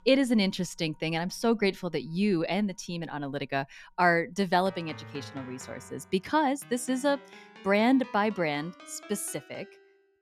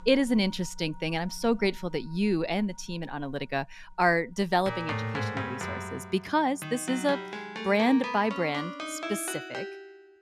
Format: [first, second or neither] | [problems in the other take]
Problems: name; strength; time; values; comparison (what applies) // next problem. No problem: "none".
first | background music; loud; throughout; 7 dB below the speech; faint in the first